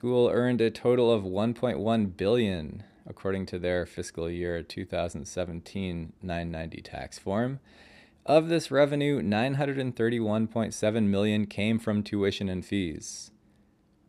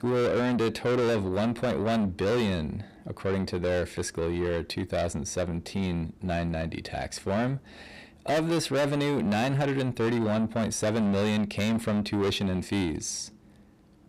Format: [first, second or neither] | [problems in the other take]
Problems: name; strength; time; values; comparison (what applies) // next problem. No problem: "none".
first | distortion; heavy; 7 dB below the speech